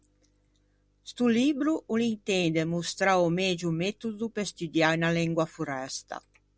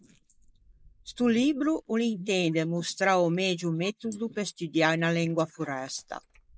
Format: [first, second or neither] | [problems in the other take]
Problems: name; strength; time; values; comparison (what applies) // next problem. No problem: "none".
first | noise reduction (neural mask model Resemble Enhance denoiser)